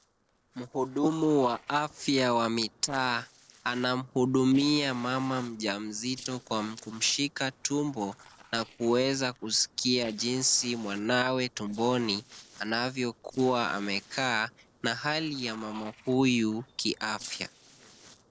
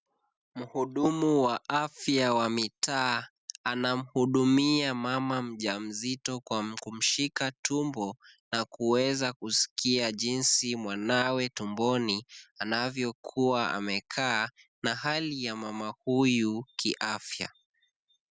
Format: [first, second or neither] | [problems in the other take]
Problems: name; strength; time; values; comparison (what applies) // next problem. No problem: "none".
second | noise reduction (neural separator model SepFormer DNS4)